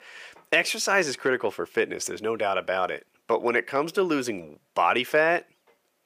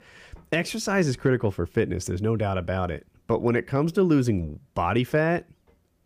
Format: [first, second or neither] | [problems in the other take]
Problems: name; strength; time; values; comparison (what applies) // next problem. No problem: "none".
second | thin; very; fading below 500 Hz